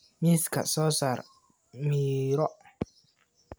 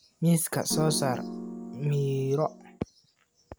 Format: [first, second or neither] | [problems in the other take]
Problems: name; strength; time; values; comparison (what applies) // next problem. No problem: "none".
first | background sound (Piano); 7 dB below the speech